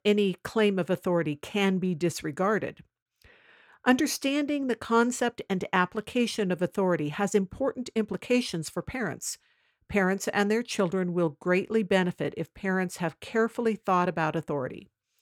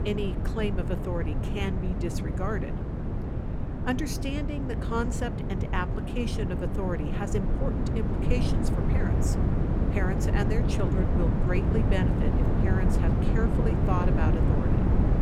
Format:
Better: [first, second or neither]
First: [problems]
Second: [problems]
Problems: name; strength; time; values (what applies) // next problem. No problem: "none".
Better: first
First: none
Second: wind noise on the microphone; heavy; 1 dB below the speech